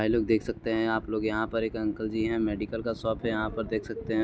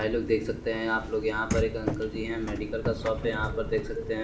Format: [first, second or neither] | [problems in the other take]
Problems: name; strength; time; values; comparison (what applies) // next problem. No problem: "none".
first | background sound (Slam / Car); 6 dB below the speech // room echo; dies away in 1.8 s